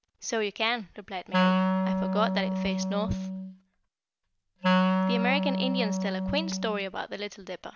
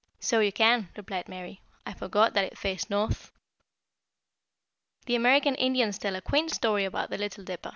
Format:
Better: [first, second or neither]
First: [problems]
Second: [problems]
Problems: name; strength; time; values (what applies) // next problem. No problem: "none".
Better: second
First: background sound (Wind instrument, woodwind instrument); 5 dB above the speech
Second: none